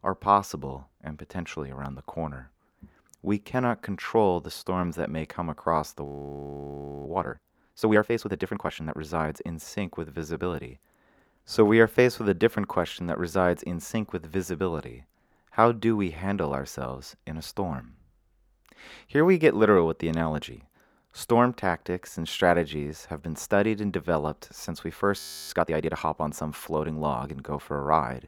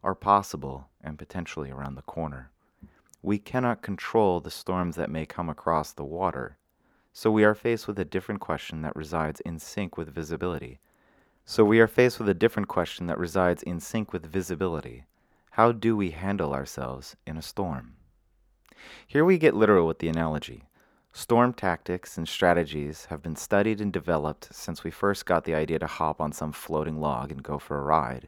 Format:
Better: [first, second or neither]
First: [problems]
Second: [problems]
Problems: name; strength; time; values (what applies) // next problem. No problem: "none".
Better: second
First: audio freezing; at 6 s for 1 s and at 25 s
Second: none